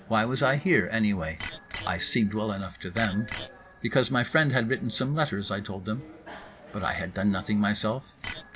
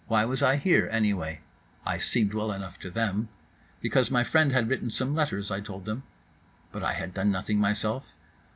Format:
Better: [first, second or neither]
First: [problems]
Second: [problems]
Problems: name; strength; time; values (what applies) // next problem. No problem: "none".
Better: second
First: background sound (Bicycle bell); 16 dB below the speech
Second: none